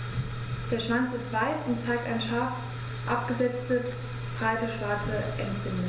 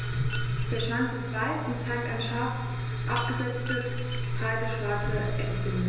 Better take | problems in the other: first | background sound (Shatter); 16 dB below the speech // room echo; dies away in 1 s

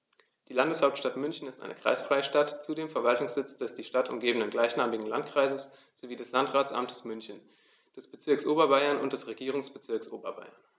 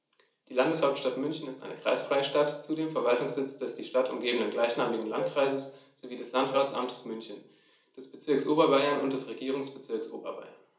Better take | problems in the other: first | background sound (Wind instrument, woodwind instrument); 9 dB below the speech // room echo; dies away in 0.4 s

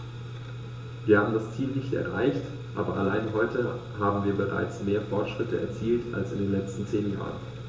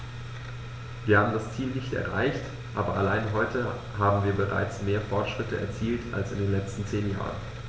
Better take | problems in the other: second | room echo; dies away in 0.2 s

